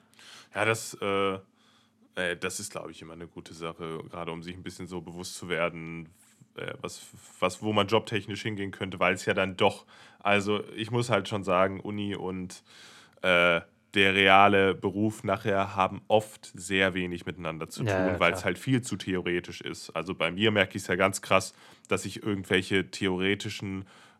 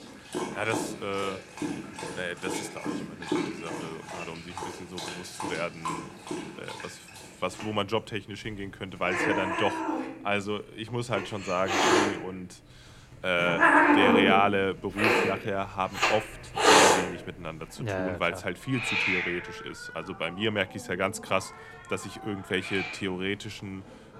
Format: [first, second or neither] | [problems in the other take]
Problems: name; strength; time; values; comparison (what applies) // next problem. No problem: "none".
first | animal sounds; very loud; throughout; 4 dB above the speech